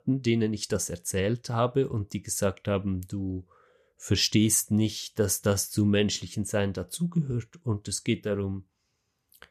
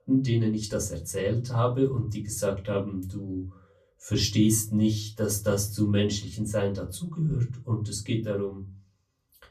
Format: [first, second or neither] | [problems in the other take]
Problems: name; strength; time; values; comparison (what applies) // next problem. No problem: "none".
first | off-mic speech; far // room echo; very slight; dies away in 0.3 s